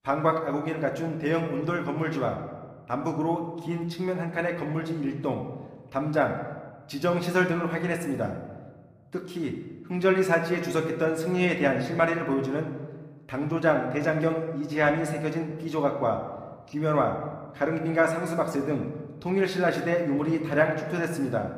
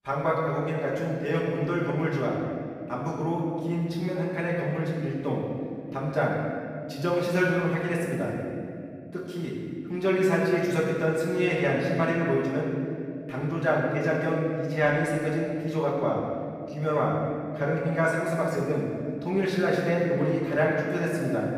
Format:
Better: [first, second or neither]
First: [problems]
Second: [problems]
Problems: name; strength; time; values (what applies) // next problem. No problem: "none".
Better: first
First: room echo; slight; dies away in 1 s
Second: room echo; strong; dies away in 2.2 s // off-mic speech; far